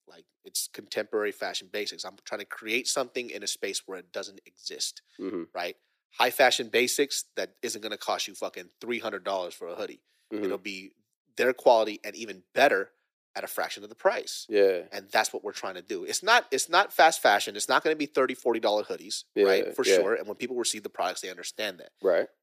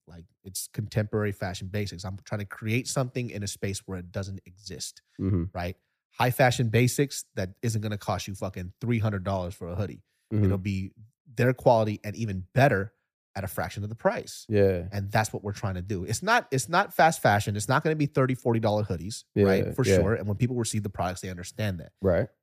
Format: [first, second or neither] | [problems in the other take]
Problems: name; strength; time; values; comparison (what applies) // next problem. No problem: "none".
second | thin; very; fading below 350 Hz